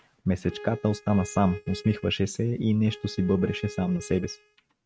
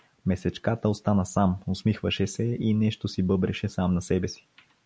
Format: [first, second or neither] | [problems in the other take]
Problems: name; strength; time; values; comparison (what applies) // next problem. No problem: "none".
second | noise reduction (neural mask model RNNoise)